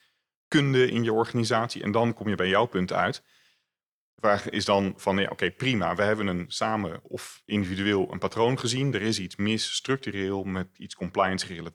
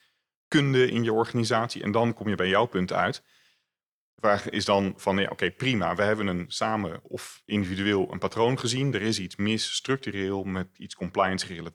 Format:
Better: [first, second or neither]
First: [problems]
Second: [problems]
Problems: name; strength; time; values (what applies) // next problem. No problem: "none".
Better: neither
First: none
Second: none